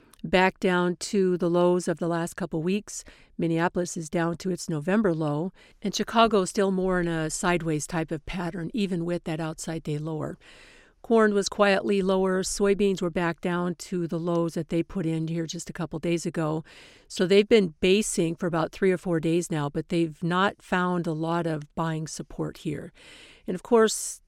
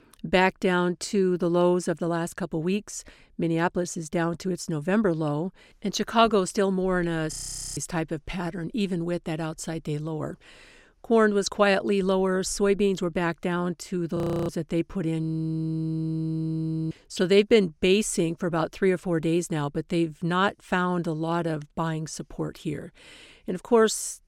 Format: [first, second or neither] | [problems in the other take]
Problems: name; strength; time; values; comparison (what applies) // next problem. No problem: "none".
first | audio freezing; at 7.5 s, at 14 s and at 15 s for 1.5 s